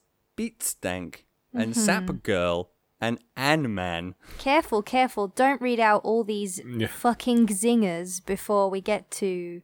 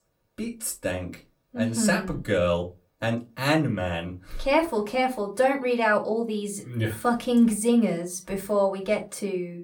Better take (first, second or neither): first